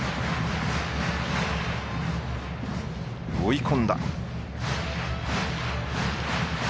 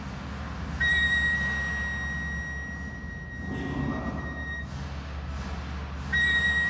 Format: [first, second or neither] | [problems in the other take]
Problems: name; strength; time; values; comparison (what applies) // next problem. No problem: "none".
first | background sound (Wind instrument, woodwind instrument); 3 dB above the speech // room echo; dies away in 2.1 s